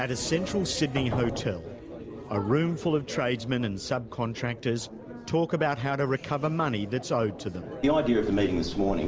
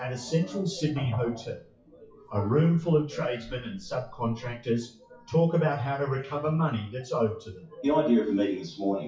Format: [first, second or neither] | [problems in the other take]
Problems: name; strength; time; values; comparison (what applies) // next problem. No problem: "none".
first | noise reduction (classical method WPE with log-MMSE)